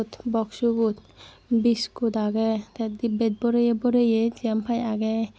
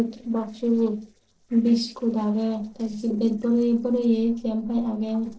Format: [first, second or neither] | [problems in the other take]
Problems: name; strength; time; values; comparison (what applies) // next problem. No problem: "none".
first | noise reduction (neural separator model SepFormer DNS4)